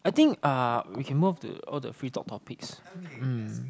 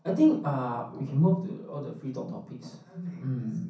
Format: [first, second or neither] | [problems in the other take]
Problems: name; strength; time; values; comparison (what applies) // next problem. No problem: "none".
first | room echo; dies away in 0.6 s